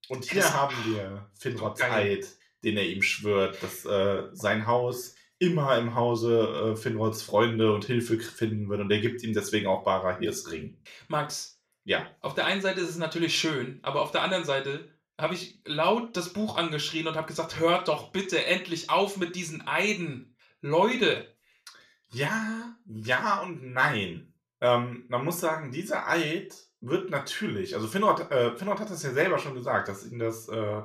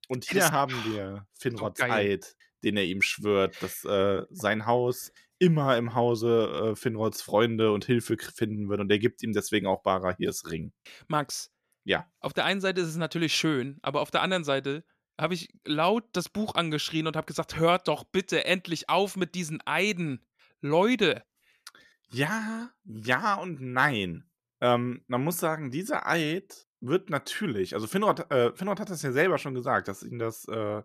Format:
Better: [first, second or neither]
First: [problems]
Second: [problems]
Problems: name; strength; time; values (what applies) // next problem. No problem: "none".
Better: second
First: room echo; very slight; dies away in 0.3 s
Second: none